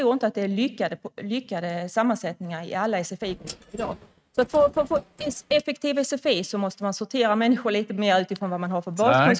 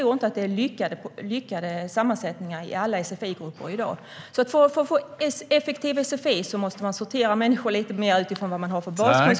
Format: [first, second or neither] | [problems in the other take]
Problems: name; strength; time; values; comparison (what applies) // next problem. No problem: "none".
second | noise reduction (neural mask model RNNoise)